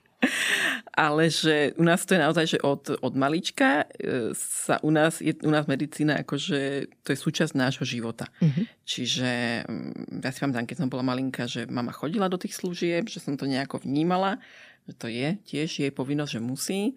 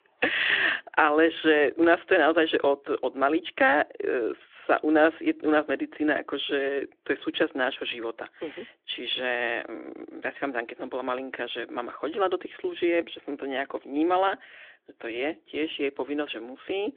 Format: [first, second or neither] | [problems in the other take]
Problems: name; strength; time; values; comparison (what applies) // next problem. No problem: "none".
first | phone-call audio; nothing above 3.5 kHz